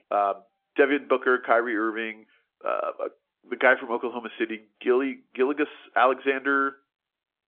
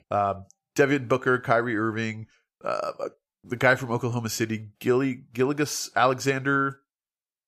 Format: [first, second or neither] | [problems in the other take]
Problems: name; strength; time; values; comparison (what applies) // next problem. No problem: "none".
second | phone-call audio; nothing above 3.5 kHz